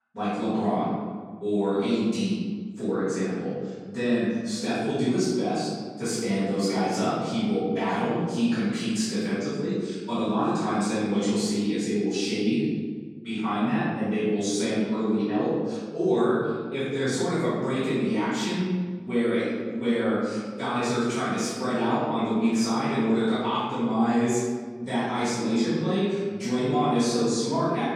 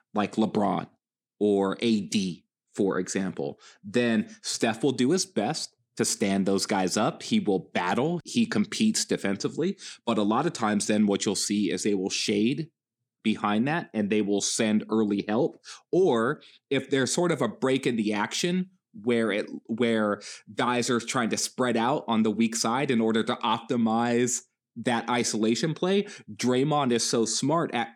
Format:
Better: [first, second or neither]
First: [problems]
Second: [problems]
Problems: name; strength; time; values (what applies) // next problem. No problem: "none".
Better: second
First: off-mic speech; far // room echo; strong; dies away in 1.6 s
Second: none